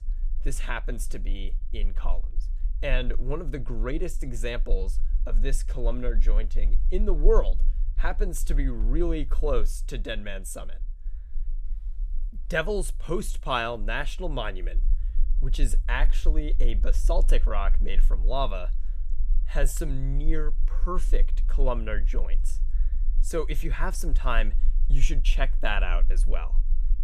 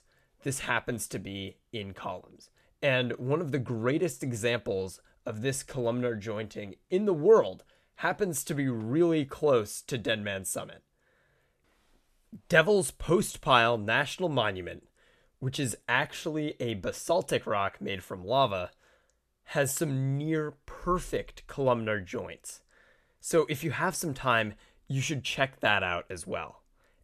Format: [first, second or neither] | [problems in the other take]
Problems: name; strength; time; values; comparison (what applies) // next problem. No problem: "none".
second | low rumble; faint; throughout; 25 dB below the speech